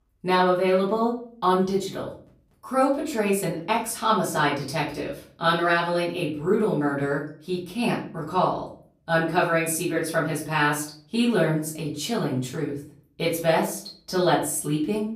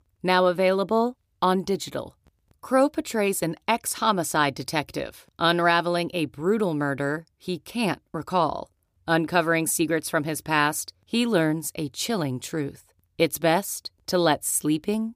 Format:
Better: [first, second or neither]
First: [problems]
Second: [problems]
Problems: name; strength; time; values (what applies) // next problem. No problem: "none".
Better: second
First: room echo; slight; dies away in 0.4 s // off-mic speech; far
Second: none